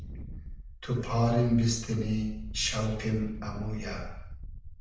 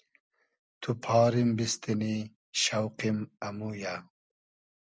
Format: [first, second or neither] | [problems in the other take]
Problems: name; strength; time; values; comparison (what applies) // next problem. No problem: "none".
second | background sound (Wind); 9 dB below the speech // room echo; dies away in 0.7 s